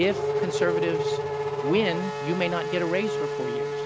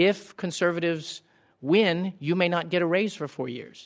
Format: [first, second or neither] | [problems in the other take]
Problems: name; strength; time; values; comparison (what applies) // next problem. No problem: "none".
second | background sound (Race car, auto racing / Accelerating, revving, vroom); as loud as the speech